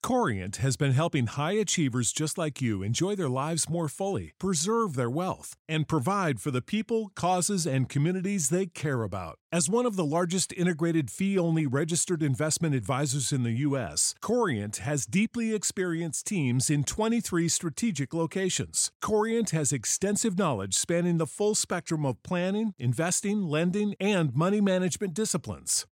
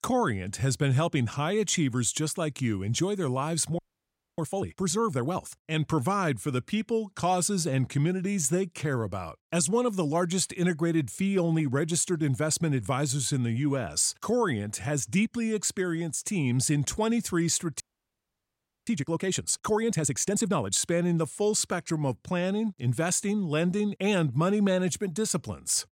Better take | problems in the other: first | audio freezing; at 4 s for 0.5 s and at 18 s for 1 s

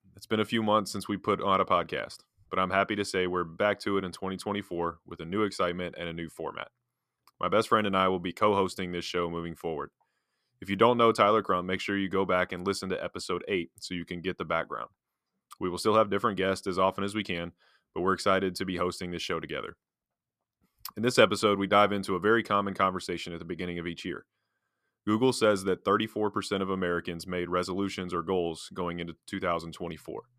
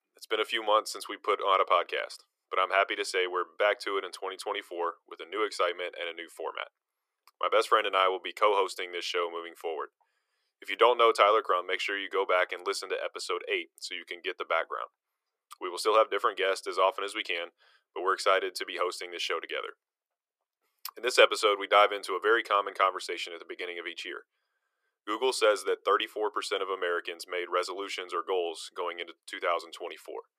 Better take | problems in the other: first | thin; very; fading below 400 Hz

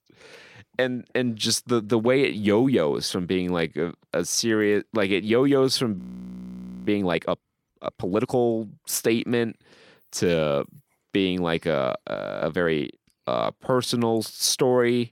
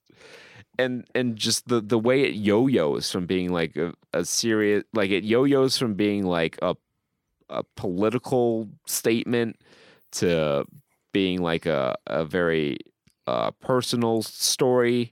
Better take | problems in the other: second | audio freezing; at 6 s for 1 s and at 12 s

